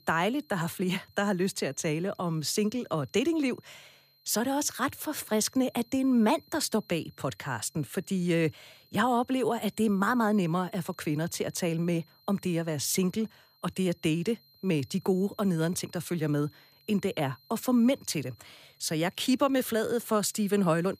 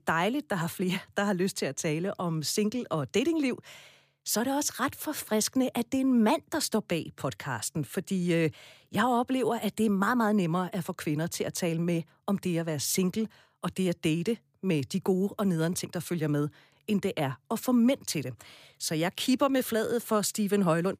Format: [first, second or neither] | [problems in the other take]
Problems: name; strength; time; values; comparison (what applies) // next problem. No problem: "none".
second | high-pitched whine; faint; throughout; 4 kHz, 30 dB below the speech